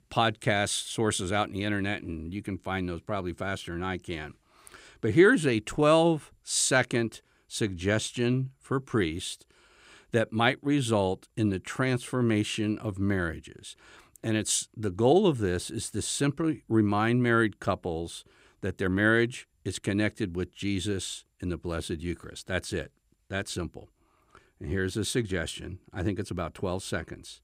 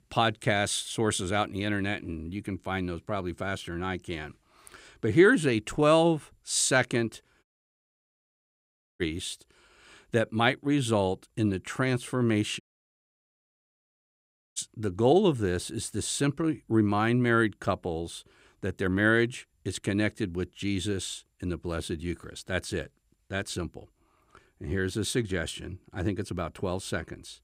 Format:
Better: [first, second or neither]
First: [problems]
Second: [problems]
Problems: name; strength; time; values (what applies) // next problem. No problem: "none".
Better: first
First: none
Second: audio cutting out; at 7.5 s for 1.5 s and at 13 s for 2 s